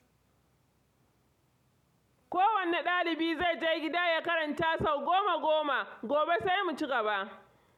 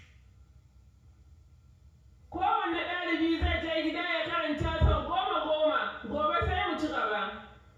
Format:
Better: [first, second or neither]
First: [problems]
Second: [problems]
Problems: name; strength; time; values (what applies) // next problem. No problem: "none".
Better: first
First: none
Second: room echo; dies away in 0.6 s